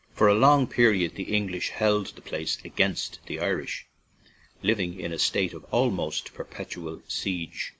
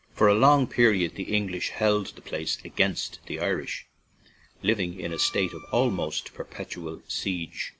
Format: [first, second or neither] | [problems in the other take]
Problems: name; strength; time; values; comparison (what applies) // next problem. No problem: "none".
first | background sound (Bowed string instrument); 18 dB below the speech